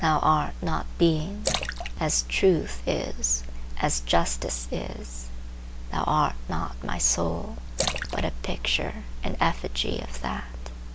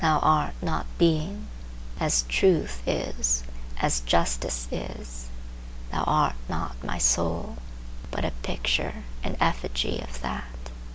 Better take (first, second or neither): second